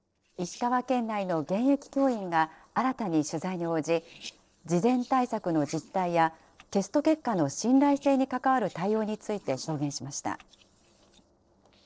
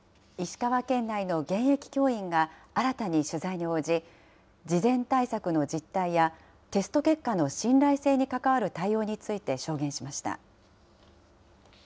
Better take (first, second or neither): second